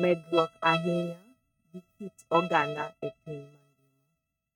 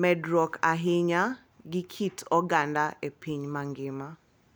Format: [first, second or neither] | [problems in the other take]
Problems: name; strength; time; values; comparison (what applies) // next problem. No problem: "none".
second | noise reduction (neural mask model RNNoise)